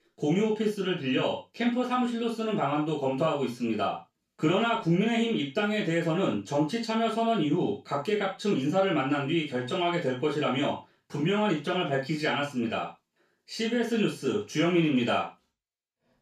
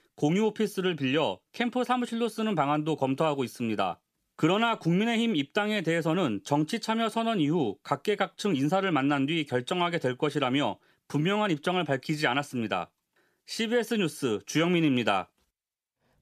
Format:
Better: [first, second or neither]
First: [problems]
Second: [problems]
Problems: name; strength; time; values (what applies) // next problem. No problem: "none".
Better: second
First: room echo; noticeable; dies away in 0.2 s // off-mic speech; far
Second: none